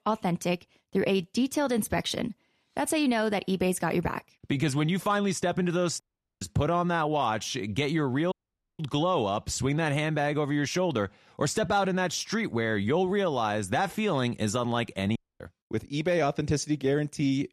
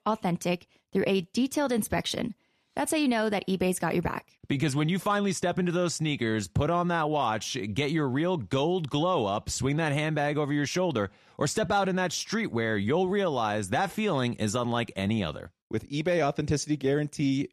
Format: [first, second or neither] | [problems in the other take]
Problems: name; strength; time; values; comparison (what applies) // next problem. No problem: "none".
second | audio cutting out; at 6 s, at 8.5 s and at 15 s